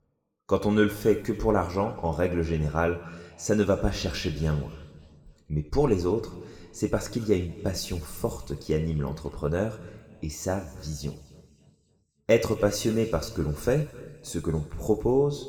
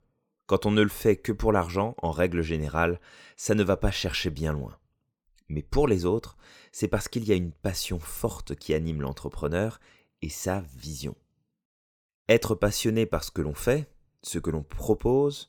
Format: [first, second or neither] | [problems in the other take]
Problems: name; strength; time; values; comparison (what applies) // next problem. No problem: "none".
second | room echo; slight; dies away in 1.5 s